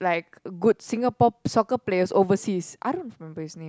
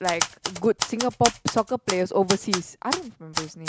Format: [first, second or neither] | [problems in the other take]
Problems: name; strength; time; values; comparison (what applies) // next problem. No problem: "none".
first | background sound (Typewriter); 4 dB below the speech